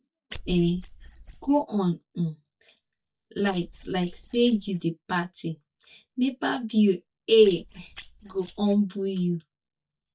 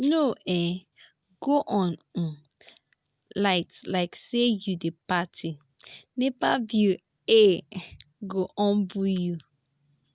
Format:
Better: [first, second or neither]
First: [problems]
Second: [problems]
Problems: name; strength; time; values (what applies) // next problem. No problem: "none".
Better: second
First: noise reduction (neural mask model DeepFilterNet 3)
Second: none